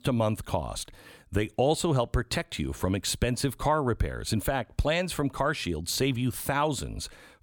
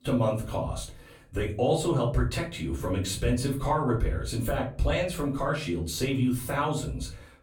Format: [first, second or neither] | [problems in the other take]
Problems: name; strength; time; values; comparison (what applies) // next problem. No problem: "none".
first | off-mic speech; far // room echo; slight; dies away in 0.4 s